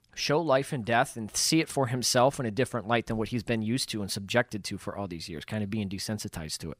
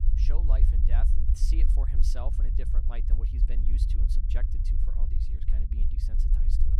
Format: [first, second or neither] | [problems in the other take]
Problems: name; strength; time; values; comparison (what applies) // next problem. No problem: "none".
first | low rumble; loud; throughout; 2 dB below the speech